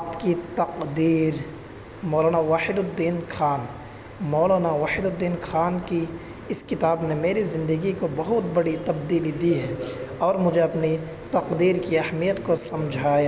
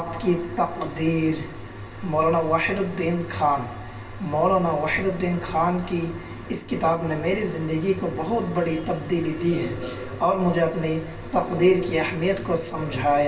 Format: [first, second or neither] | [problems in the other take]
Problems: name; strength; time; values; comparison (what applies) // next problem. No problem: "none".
first | room echo; dies away in 0.3 s